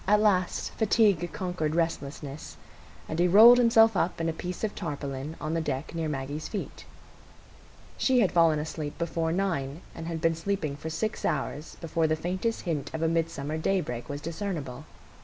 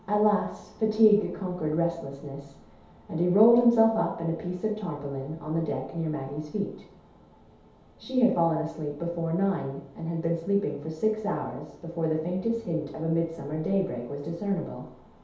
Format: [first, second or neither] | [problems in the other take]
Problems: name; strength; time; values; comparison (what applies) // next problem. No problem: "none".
first | room echo; dies away in 0.8 s